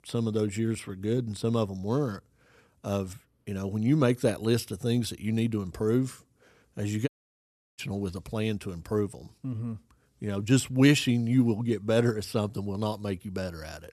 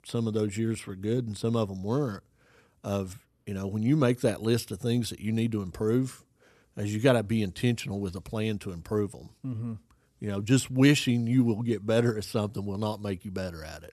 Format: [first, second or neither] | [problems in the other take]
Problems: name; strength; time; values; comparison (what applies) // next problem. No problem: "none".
second | audio cutting out; at 7 s for 0.5 s